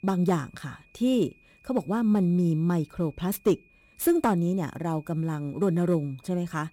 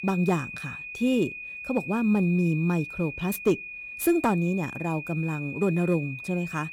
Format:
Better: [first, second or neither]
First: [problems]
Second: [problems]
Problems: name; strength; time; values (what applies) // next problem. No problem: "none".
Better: first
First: high-pitched whine; faint; throughout; 2.5 kHz, 30 dB below the speech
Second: high-pitched whine; loud; throughout; 2.5 kHz, 9 dB below the speech